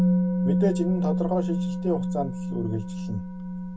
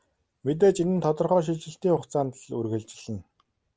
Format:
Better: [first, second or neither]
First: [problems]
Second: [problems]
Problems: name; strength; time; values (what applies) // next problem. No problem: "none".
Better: second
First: background sound (Musical instrument); 4 dB above the speech // room echo; dies away in 0.2 s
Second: none